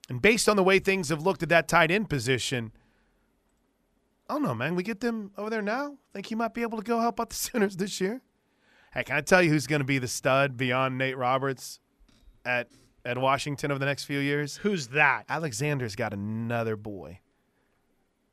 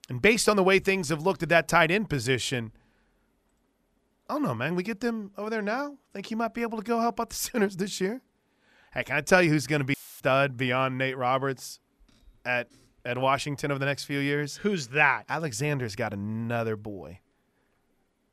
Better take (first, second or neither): first